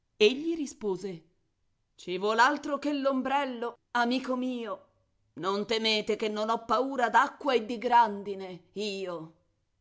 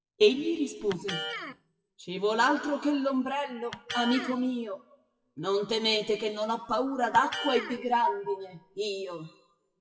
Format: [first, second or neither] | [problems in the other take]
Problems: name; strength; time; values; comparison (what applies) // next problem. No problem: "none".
first | noise reduction (classical method WPE with log-MMSE)